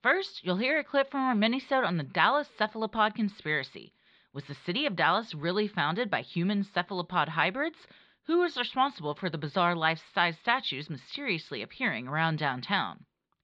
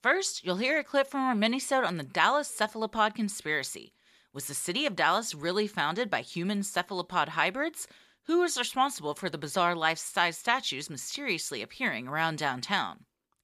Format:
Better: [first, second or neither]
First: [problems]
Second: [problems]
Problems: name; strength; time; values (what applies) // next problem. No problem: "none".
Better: second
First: muffled; very slightly; fading above 4 kHz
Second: none